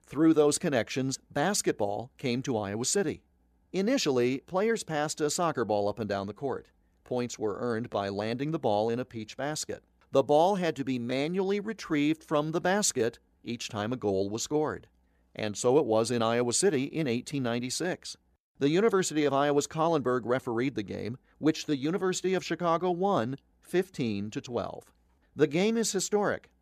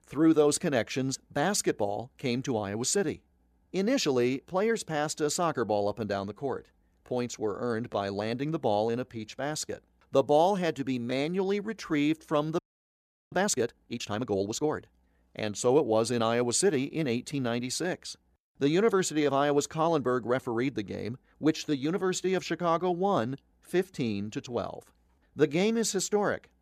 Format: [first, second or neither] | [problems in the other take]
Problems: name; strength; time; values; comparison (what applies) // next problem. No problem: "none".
first | audio freezing; at 13 s for 0.5 s